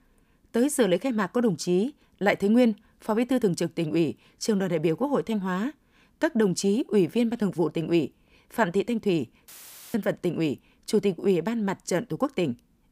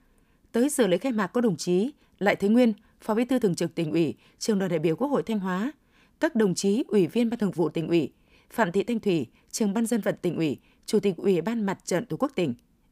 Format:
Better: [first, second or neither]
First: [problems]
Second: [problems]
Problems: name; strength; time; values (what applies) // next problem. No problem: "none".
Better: second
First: audio cutting out; filled with static; at 9.5 s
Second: none